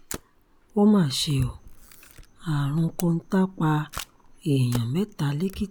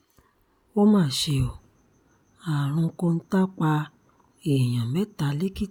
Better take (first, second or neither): second